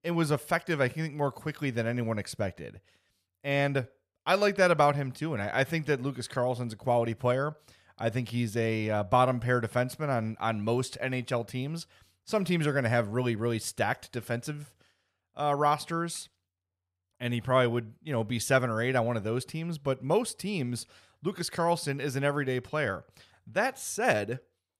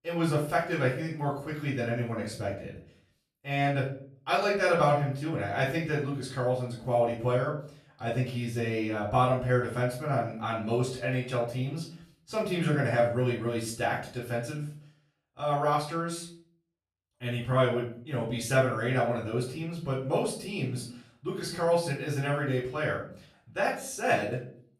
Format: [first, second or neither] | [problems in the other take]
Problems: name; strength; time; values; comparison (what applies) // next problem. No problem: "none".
first | off-mic speech; far // room echo; slight; dies away in 0.4 s